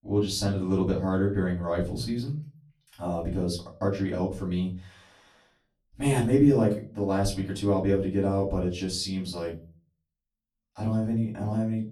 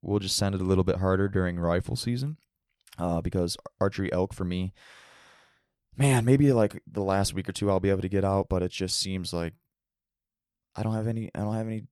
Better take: second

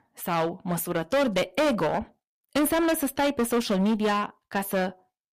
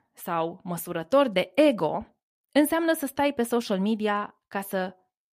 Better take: second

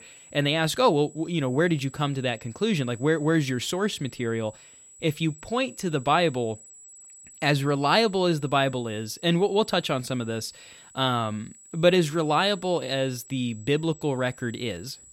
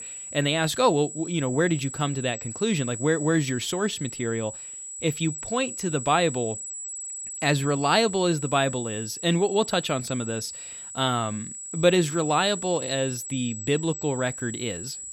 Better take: first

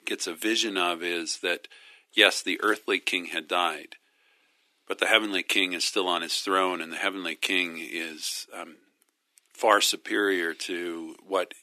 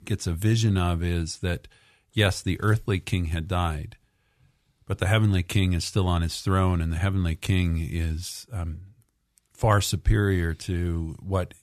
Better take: second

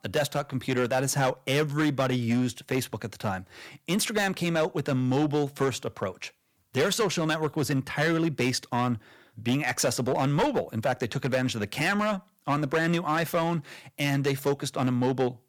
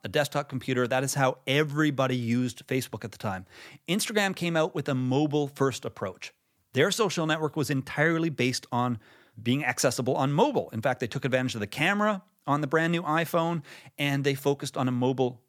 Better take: second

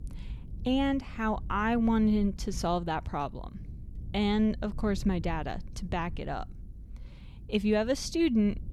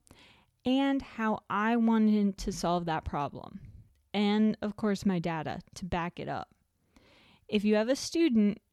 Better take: second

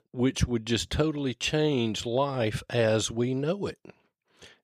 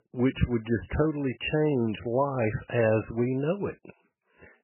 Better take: first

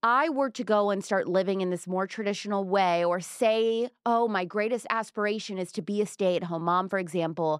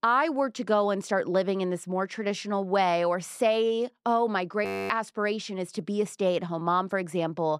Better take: first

